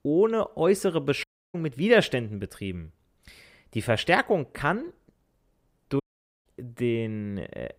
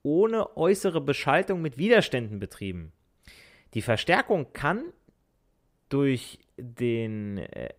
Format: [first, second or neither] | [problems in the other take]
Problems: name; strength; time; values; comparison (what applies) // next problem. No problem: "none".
second | audio cutting out; at 1 s and at 6 s